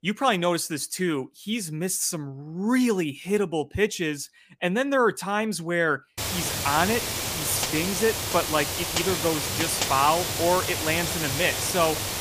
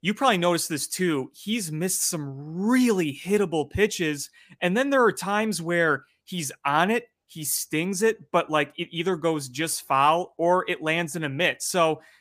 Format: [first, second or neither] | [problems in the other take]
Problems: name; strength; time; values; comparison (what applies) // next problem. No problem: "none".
second | hiss; loud; from 6 s on; 1 dB below the speech